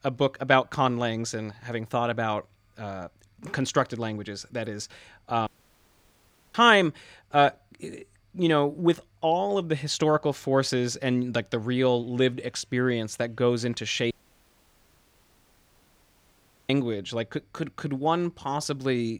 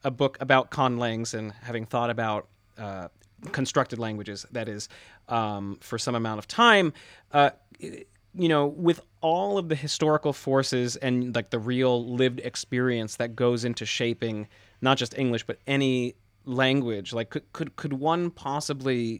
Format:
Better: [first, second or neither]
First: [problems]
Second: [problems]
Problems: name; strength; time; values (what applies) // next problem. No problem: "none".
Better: second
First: audio cutting out; at 5.5 s for 1 s and at 14 s for 2.5 s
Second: none